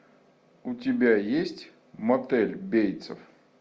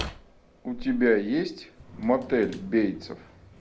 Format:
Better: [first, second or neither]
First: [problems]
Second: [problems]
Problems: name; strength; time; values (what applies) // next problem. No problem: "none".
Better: first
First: none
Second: background sound (Drawer open or close); 15 dB below the speech